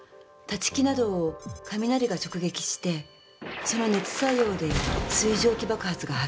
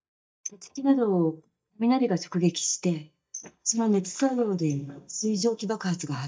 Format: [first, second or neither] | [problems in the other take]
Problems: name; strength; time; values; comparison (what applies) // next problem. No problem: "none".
first | noise reduction (neural mask model DeepFilterNet 3)